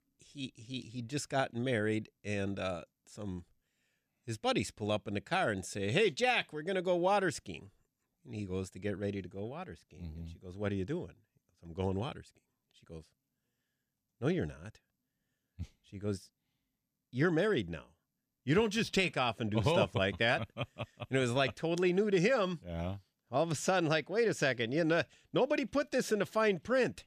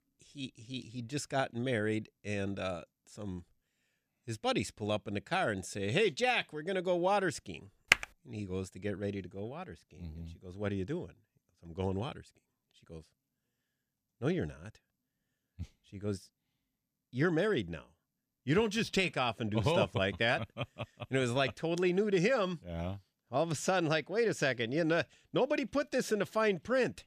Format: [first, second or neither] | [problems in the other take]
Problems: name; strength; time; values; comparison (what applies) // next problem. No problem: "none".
first | keyboard typing; very faint; at 8 s; peak 5 dB above the speech